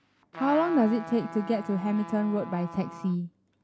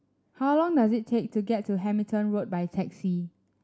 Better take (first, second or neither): second